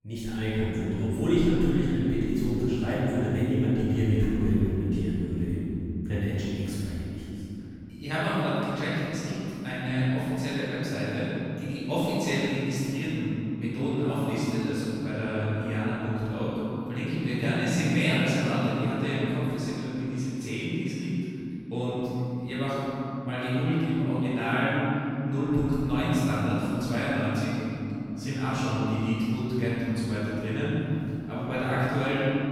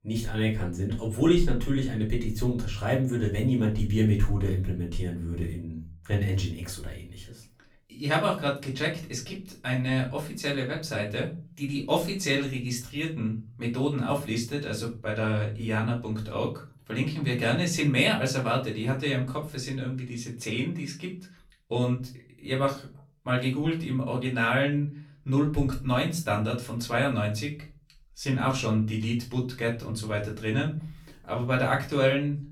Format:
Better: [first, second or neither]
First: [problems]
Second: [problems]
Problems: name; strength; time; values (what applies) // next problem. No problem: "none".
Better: second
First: room echo; strong; dies away in 3 s // off-mic speech; far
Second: room echo; slight; dies away in 0.3 s // off-mic speech; far